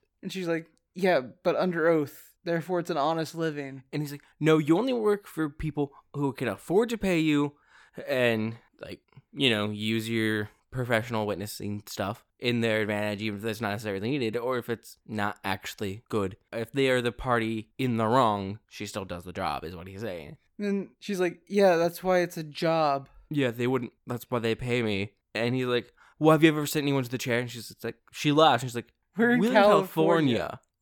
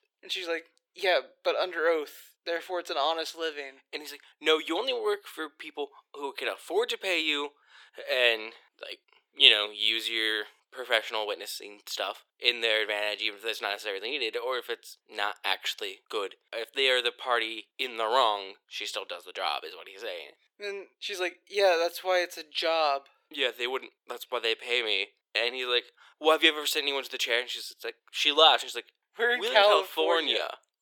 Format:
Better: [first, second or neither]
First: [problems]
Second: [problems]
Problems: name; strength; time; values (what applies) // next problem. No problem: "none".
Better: first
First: none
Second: thin; very; fading below 400 Hz